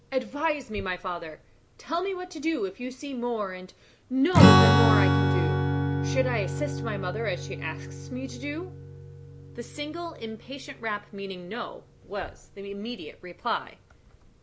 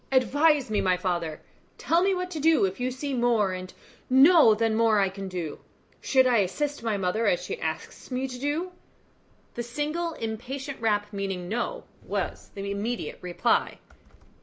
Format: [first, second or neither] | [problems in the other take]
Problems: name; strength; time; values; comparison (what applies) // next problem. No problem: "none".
second | background sound (Strum); 4 dB above the speech